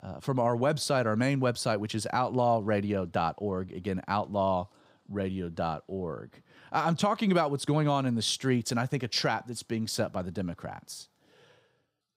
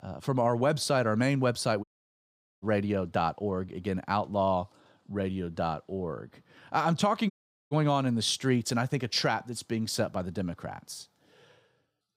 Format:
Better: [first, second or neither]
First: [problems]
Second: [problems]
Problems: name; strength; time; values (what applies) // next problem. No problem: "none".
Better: first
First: none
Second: audio cutting out; at 2 s for 1 s and at 7.5 s